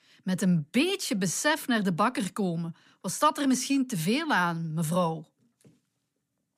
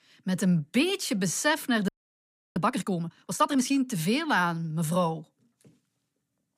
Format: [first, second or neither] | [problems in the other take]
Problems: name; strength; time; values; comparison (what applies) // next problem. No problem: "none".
first | audio freezing; at 2 s for 0.5 s